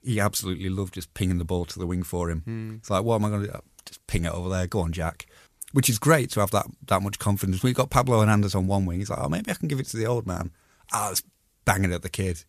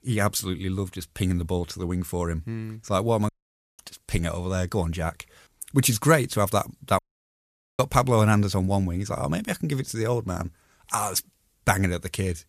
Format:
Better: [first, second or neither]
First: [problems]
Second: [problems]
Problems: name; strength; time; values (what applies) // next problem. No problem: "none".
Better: first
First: none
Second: audio cutting out; at 3.5 s for 0.5 s and at 7 s for 1 s